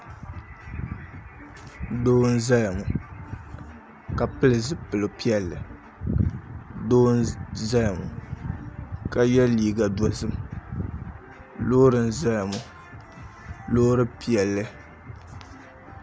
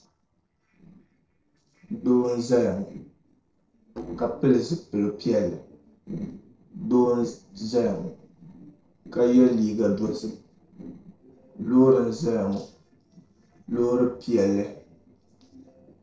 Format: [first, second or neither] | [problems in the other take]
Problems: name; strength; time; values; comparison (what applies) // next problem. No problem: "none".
first | noise reduction (neural separator model SepFormer DNS4)